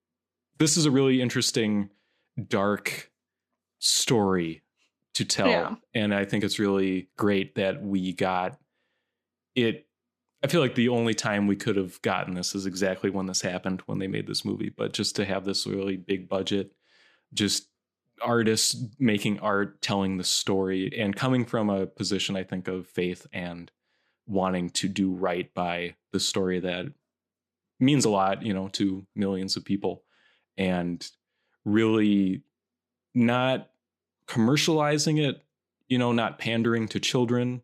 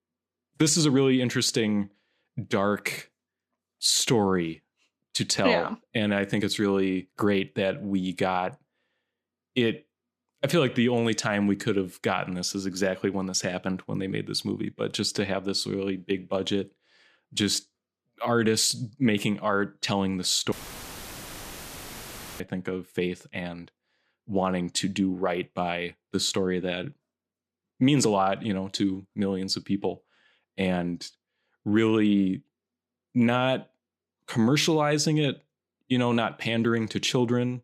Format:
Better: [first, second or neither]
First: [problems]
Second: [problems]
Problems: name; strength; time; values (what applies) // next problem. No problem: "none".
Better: first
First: none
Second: audio cutting out; filled with static; at 21 s for 2 s